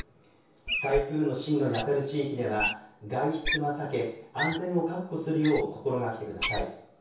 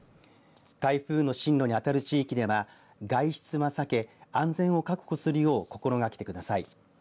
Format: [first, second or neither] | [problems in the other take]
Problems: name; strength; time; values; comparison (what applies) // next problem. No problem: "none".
second | background sound (Wild animals); 7 dB below the speech // room echo; dies away in 0.6 s